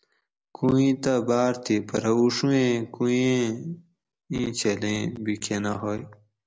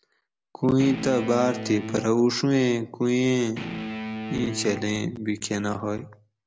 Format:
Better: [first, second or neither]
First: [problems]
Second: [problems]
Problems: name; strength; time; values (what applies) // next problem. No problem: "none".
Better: first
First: none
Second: background sound (Guitar); 10 dB below the speech